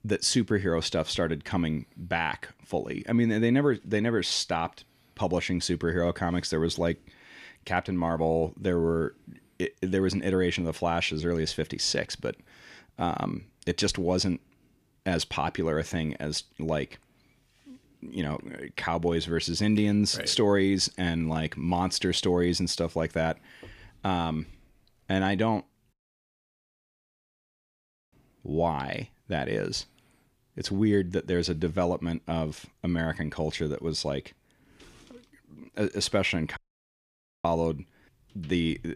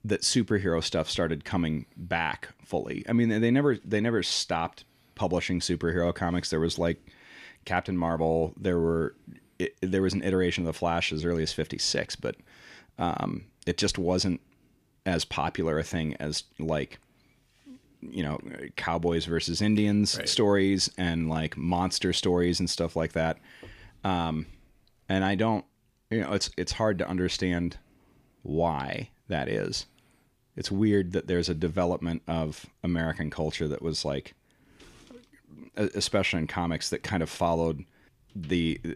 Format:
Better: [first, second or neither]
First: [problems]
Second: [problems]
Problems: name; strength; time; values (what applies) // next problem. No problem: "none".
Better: second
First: audio cutting out; at 26 s for 2 s and at 37 s for 1 s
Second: none